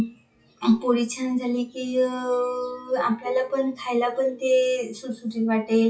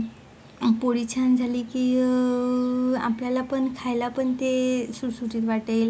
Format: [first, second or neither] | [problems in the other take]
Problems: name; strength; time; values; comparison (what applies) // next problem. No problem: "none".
second | noise reduction (classical method WPE with log-MMSE)